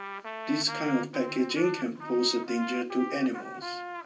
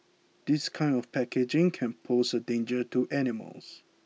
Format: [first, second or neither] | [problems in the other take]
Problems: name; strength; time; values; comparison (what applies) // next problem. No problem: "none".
second | background sound (Trumpet); 9 dB below the speech // room echo; dies away in 0.3 s